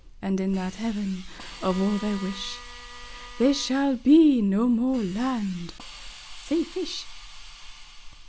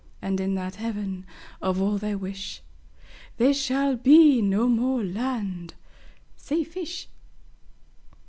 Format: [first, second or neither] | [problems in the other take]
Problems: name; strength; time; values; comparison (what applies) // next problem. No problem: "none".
second | background sound (Bowed string instrument + Hiss); 19 dB below the speech